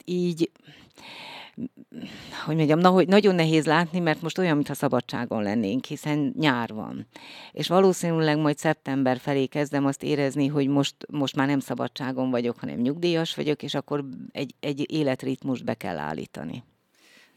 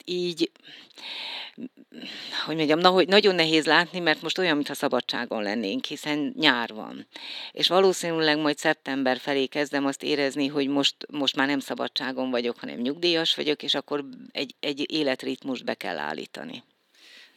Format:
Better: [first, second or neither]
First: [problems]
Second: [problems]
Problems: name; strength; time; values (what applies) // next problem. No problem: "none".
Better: first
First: none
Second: thin; very slightly; fading below 300 Hz